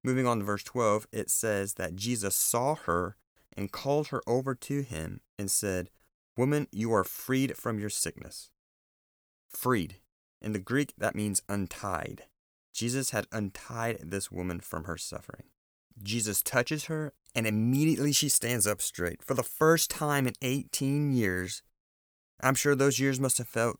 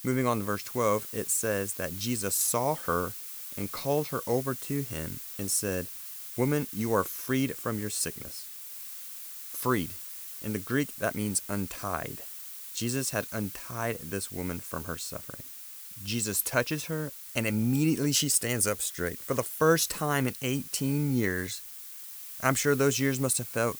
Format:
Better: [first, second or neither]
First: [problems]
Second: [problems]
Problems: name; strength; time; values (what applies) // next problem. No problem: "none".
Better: first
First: none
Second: hiss; loud; throughout; 10 dB below the speech